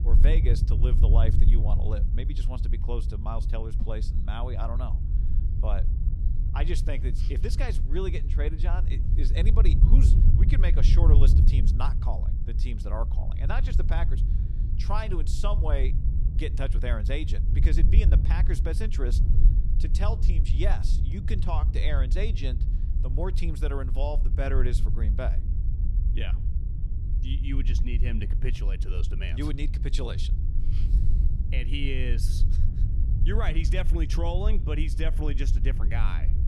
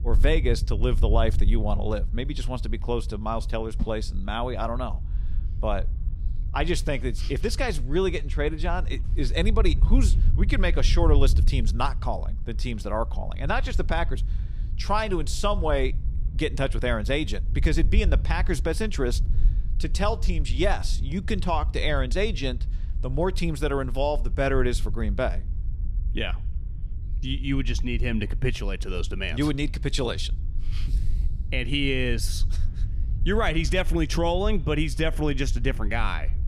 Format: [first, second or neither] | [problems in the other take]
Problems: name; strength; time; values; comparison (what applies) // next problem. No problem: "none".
second | wind noise on the microphone; heavy; 7 dB below the speech; occasional gusts in the second